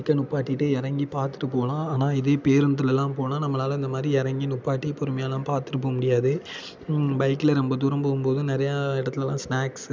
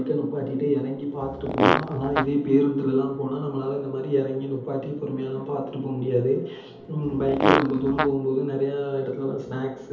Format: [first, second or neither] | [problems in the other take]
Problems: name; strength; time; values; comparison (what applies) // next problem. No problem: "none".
first | background sound (Fart); as loud as the speech // room echo; dies away in 2.2 s